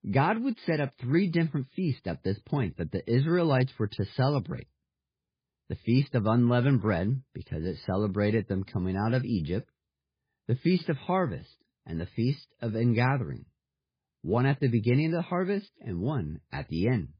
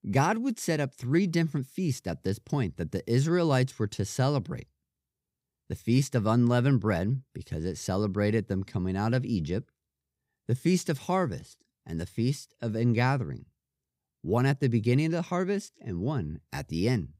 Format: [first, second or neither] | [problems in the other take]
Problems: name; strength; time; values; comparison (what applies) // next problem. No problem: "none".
second | garbled, watery; badly; nothing above 5 kHz